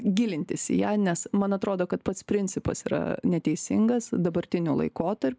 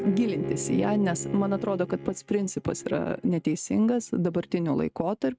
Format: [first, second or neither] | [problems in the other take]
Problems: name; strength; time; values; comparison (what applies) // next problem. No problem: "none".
first | noise reduction (neural mask model RNNoise)